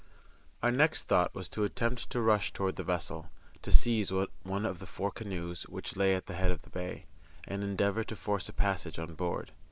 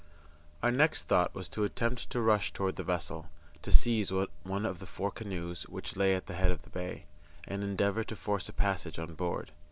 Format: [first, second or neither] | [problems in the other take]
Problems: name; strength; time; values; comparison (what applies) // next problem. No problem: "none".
second | noise reduction (neural mask model Resemble Enhance denoiser)